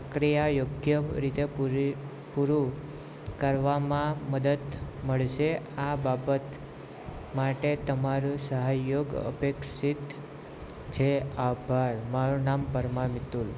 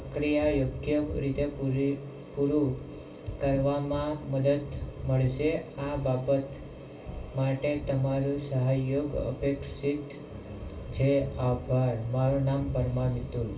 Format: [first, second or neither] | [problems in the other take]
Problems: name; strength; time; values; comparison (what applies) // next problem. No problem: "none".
first | background sound (Bowed string instrument); 16 dB below the speech // room echo; dies away in 0.2 s